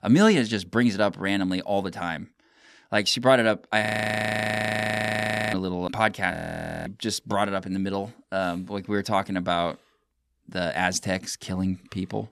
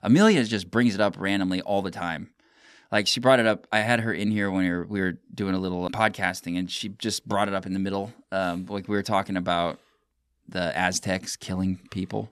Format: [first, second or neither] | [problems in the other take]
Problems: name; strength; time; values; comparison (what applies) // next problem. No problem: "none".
second | audio freezing; at 4 s for 1.5 s and at 6.5 s for 0.5 s